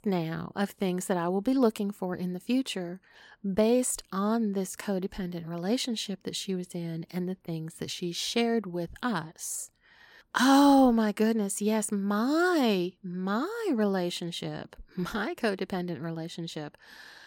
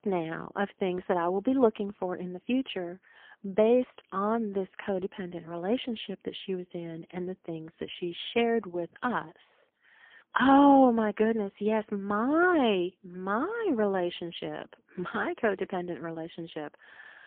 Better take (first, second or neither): first